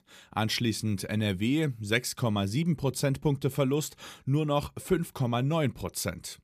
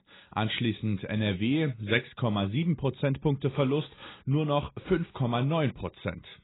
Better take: first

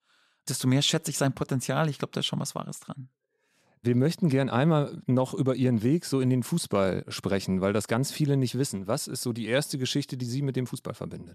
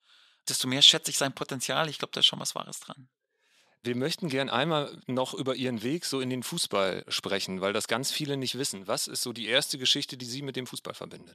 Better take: first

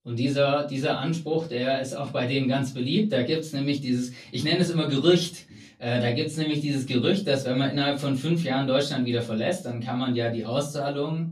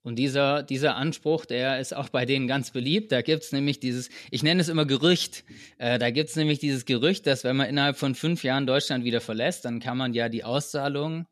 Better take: second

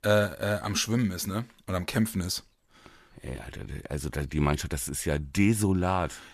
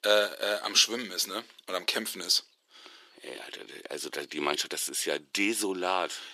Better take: first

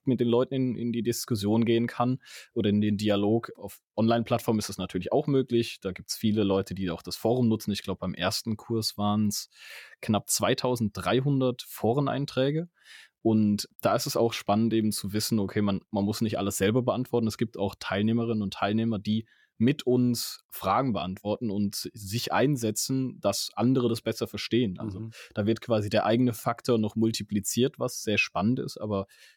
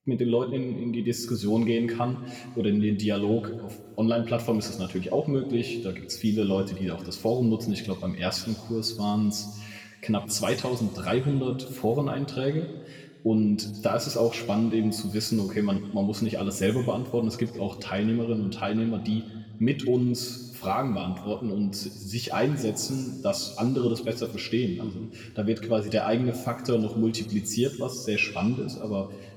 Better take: first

